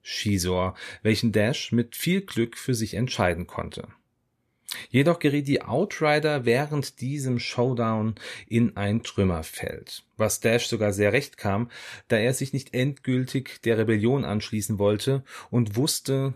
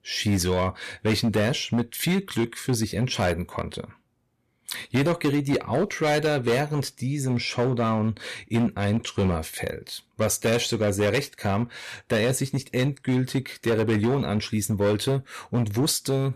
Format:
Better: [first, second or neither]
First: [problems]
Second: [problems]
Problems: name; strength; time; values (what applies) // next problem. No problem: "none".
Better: first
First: none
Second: distortion; slight; 9% of the sound clipped